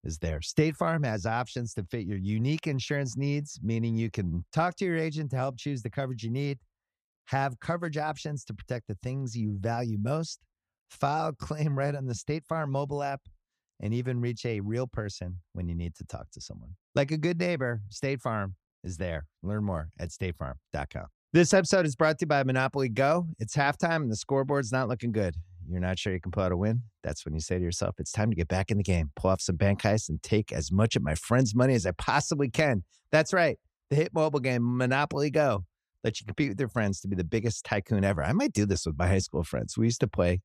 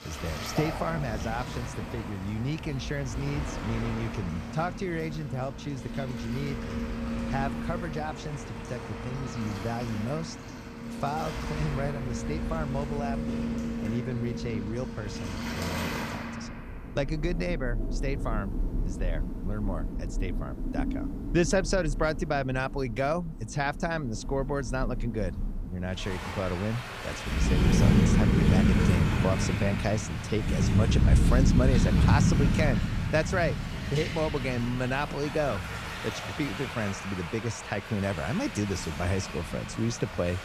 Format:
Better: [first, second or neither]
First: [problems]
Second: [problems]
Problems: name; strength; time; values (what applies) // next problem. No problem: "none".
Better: first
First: none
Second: rain or running water; very loud; throughout; 1 dB above the speech